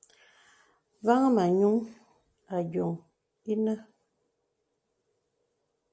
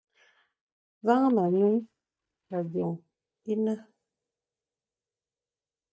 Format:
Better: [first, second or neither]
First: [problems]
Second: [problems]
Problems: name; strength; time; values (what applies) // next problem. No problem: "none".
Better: first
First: none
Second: noise reduction (neural mask model DeepFilterNet 3)